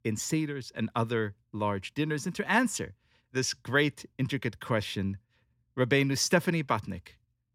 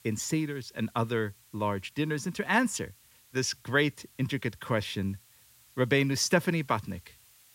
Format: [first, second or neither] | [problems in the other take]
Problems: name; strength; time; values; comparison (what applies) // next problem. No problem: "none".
first | hiss; faint; throughout; 25 dB below the speech